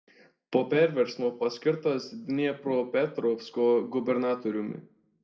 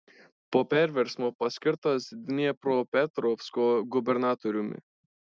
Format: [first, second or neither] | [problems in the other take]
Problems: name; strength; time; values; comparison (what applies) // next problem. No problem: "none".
second | room echo; dies away in 0.4 s